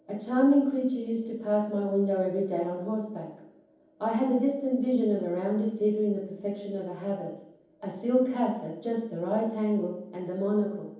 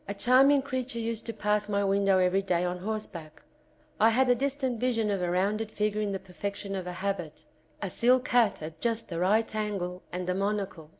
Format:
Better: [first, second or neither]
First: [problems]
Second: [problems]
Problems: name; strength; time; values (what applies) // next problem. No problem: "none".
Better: second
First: room echo; dies away in 0.9 s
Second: none